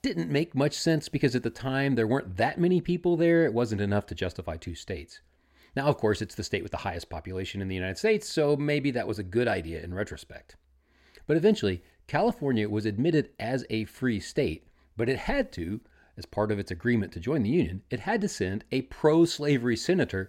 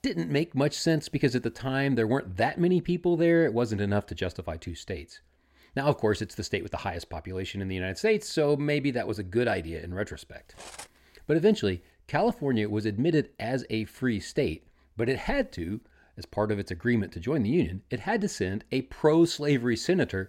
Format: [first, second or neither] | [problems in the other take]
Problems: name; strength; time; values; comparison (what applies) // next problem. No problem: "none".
first | clattering dishes; faint; at 11 s; peak 15 dB below the speech